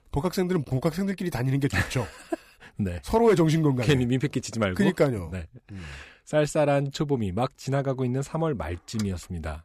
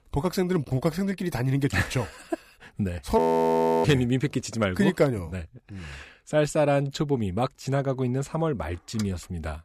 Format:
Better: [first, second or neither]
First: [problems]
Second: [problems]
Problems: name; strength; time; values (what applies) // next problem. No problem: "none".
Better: first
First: none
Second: audio freezing; at 3 s for 0.5 s